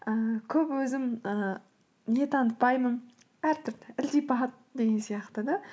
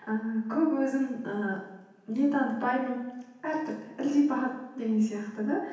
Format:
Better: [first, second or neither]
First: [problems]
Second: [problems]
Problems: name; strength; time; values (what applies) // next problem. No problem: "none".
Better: first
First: none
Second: room echo; dies away in 0.9 s